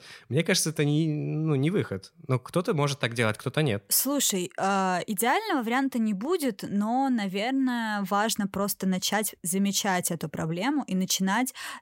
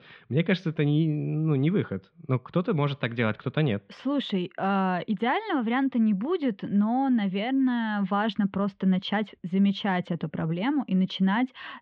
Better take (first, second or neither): first